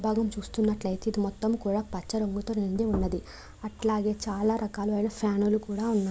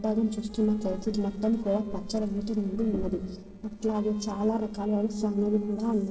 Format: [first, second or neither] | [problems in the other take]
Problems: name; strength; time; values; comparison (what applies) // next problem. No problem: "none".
first | noise reduction (neural separator model SepFormer DNS4)